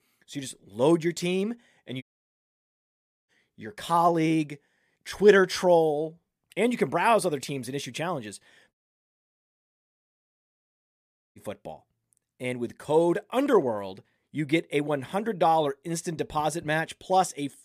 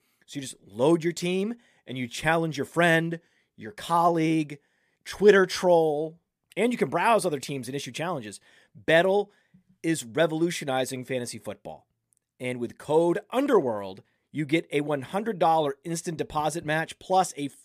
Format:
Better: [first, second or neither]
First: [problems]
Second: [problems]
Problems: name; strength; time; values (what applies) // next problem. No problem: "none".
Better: second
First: audio cutting out; at 2 s for 1.5 s and at 8.5 s for 2.5 s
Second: none